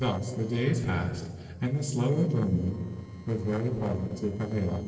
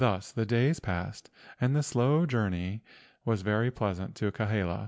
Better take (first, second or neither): second